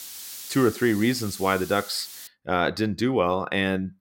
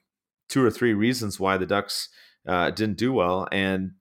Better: second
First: hiss; noticeable; until 2.5 s; 15 dB below the speech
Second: none

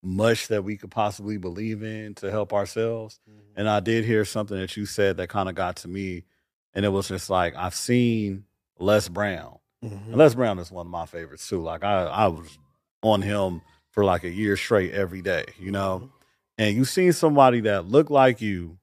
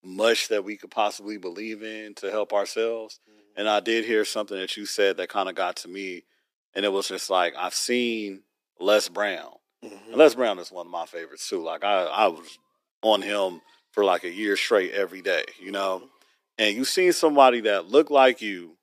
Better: first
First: none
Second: thin; somewhat; fading below 300 Hz

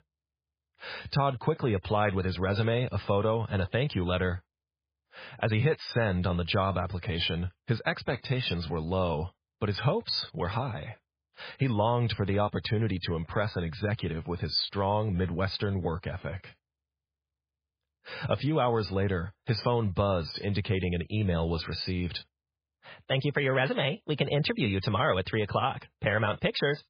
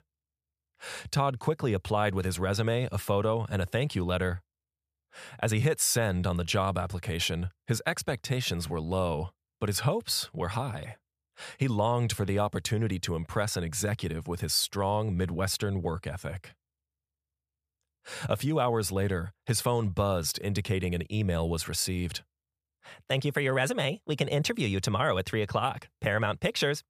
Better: second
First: garbled, watery; badly; nothing above 4.5 kHz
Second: none

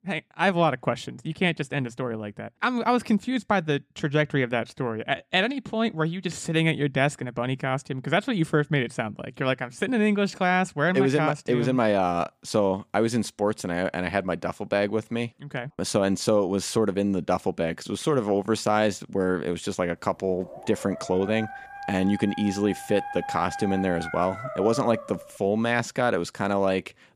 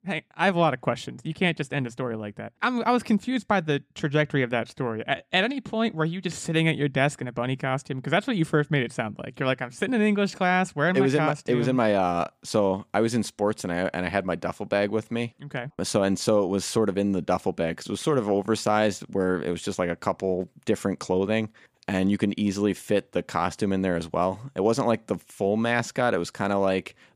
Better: second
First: dog barking; noticeable; from 20 to 25 s; peak 8 dB below the speech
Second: none

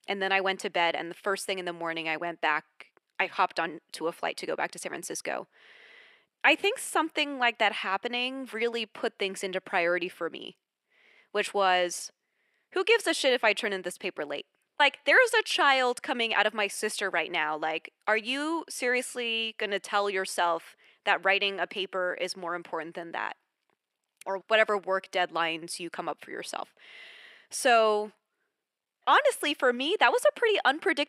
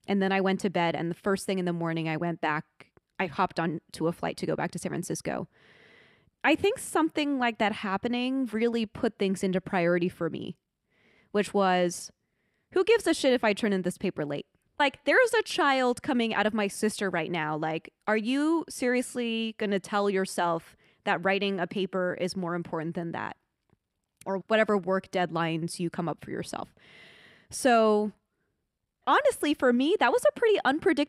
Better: second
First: thin; somewhat; fading below 500 Hz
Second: none

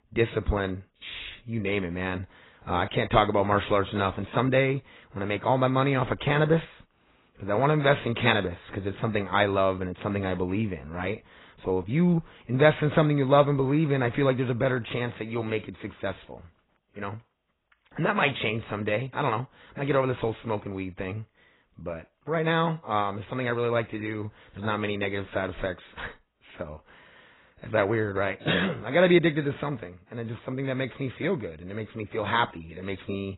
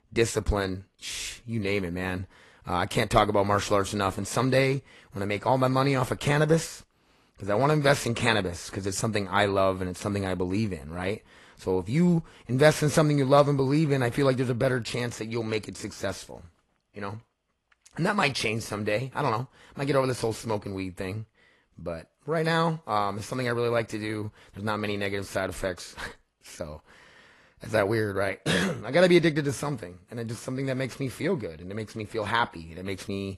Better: second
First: garbled, watery; badly; nothing above 4 kHz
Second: garbled, watery; slightly; nothing above 12 kHz

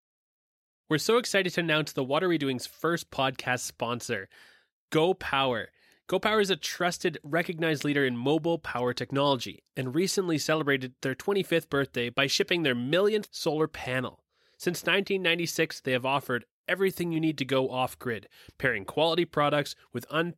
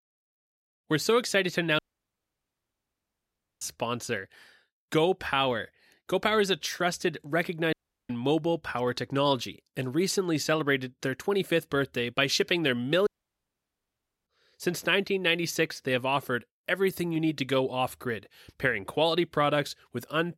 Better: first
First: none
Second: audio cutting out; at 2 s for 2 s, at 7.5 s and at 13 s for 1 s

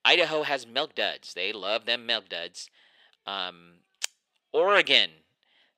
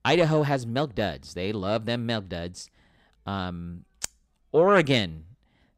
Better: second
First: thin; very; fading below 500 Hz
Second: none

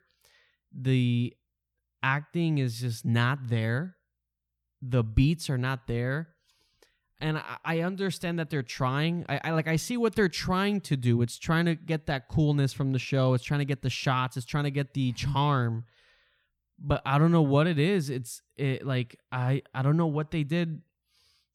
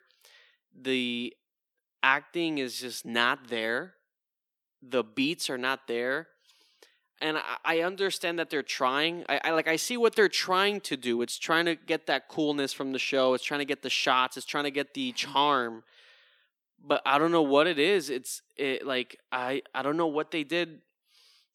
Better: first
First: none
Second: thin; somewhat; fading below 300 Hz

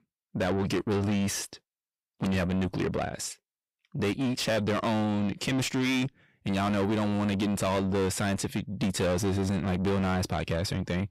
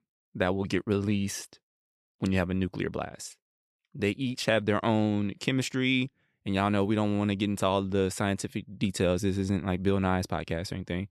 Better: second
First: distortion; heavy; 6 dB below the speech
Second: none

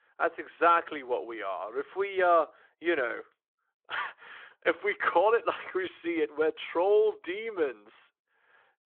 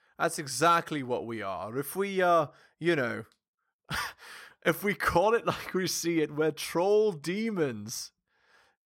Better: second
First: phone-call audio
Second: none

